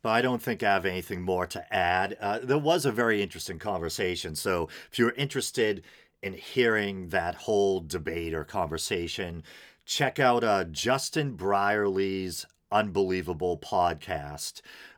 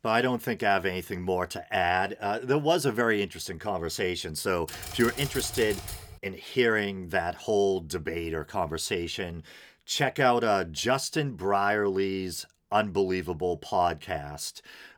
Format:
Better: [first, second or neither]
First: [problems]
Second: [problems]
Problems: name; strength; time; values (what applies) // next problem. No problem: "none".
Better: first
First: none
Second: keyboard typing; noticeable; from 4.5 to 6 s; peak 7 dB below the speech